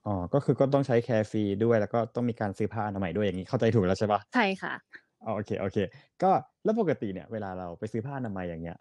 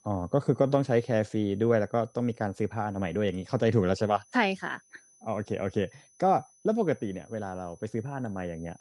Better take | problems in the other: first | high-pitched whine; faint; throughout; 6 kHz, 30 dB below the speech

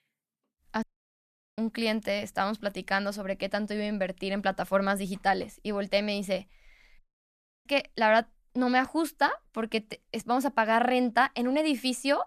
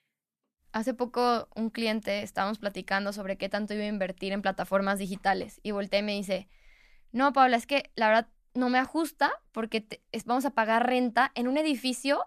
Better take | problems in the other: second | audio cutting out; at 1 s for 1 s and at 7 s for 0.5 s

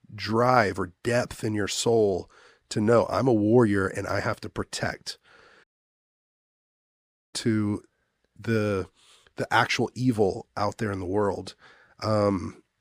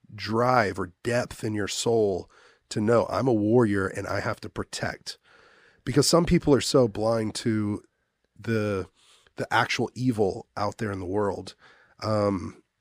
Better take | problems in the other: second | audio cutting out; at 5.5 s for 1.5 s

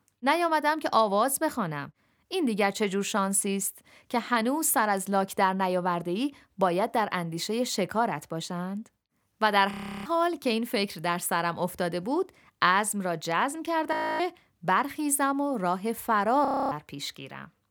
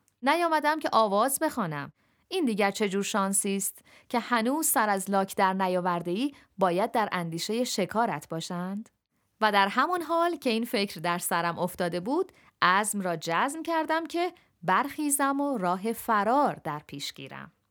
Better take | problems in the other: second | audio freezing; at 9.5 s, at 14 s and at 16 s

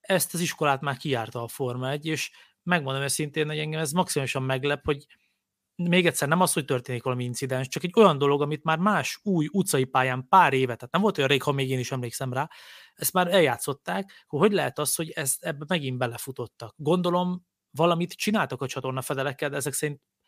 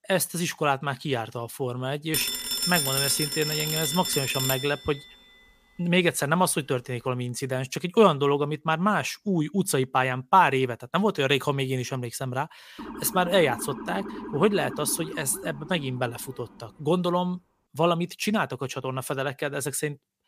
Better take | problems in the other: first | phone ringing; loud; from 2 to 4.5 s; peak 3 dB above the speech // siren; faint; from 13 to 17 s; peak 10 dB below the speech

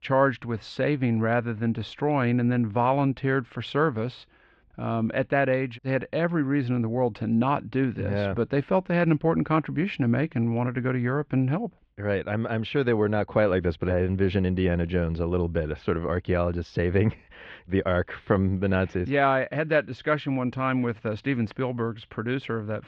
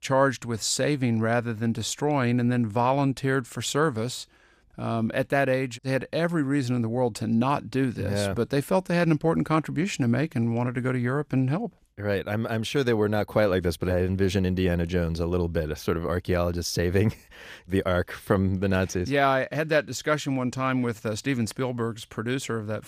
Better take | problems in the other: second | muffled; very; fading above 3 kHz

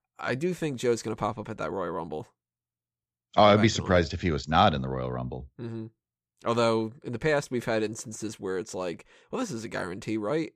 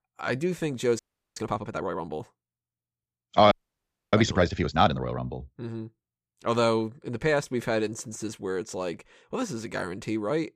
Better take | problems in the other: first | audio freezing; at 1 s and at 3.5 s for 0.5 s

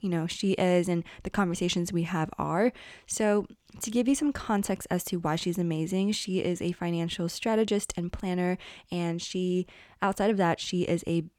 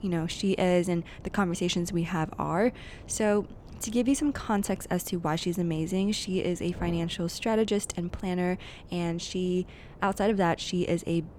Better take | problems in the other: first | wind noise on the microphone; occasional gusts; 25 dB below the speech

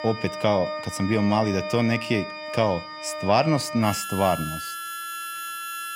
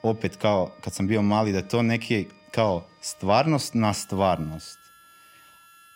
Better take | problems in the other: second | background music; loud; throughout; 8 dB below the speech; faint in the second

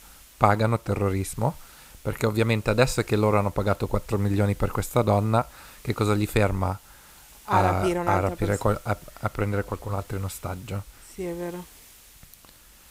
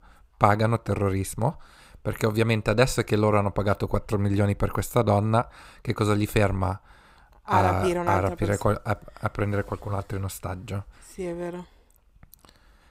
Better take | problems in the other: second | hiss; faint; throughout; 25 dB below the speech

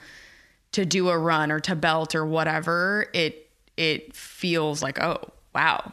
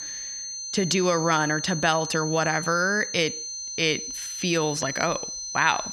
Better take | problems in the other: first | high-pitched whine; loud; throughout; 6 kHz, 6 dB below the speech

